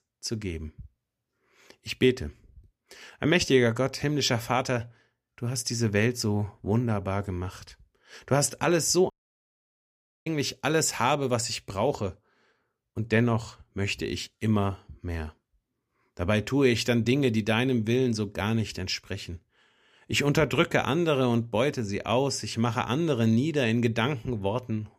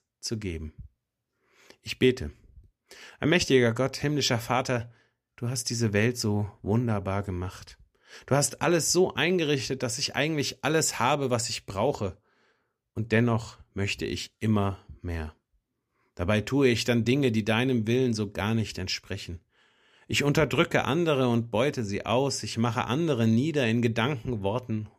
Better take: second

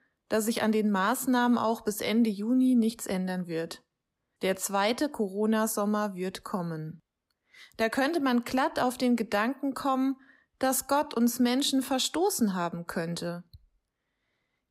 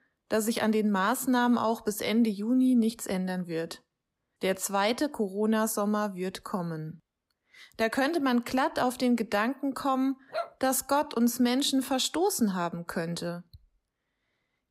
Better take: first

